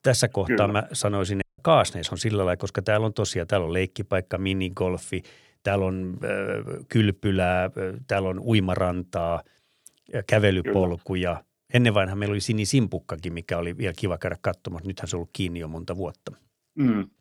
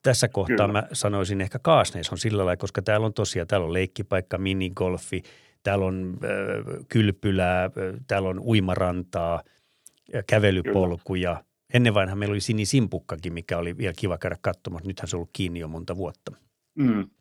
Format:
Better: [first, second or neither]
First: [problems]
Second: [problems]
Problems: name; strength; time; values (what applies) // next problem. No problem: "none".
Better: second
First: audio cutting out; at 1.5 s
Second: none